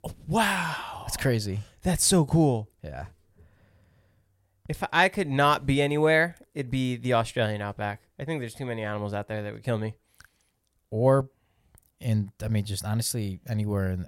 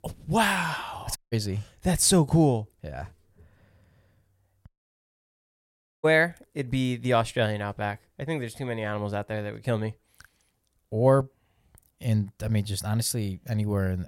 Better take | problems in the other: first | audio cutting out; at 1 s and at 4.5 s for 1.5 s

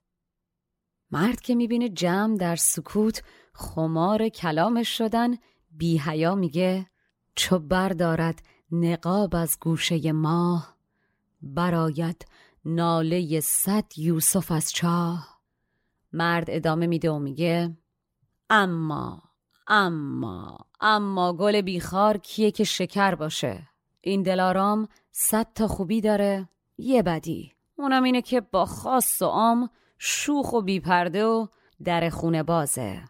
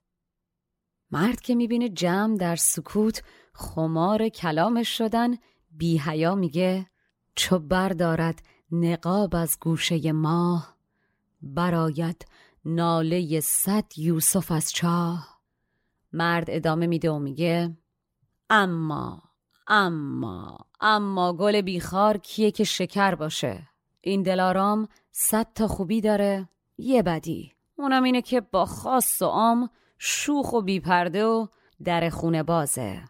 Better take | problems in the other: neither | none

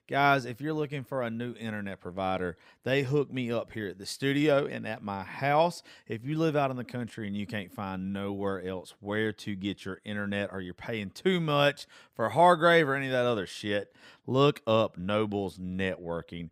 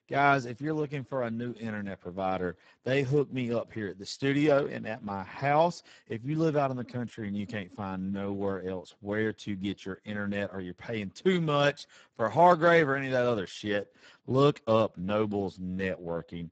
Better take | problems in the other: first | garbled, watery; badly; nothing above 7.5 kHz

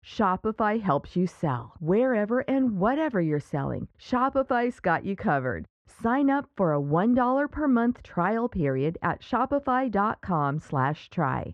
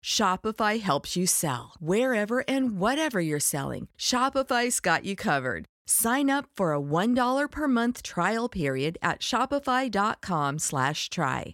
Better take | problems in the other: second | muffled; very; fading above 1.5 kHz

